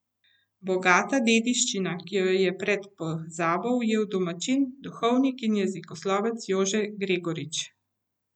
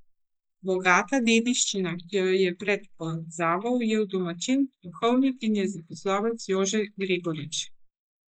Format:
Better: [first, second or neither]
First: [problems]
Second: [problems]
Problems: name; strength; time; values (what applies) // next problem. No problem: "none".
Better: first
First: none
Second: noise reduction (neural mask model Resemble Enhance denoiser)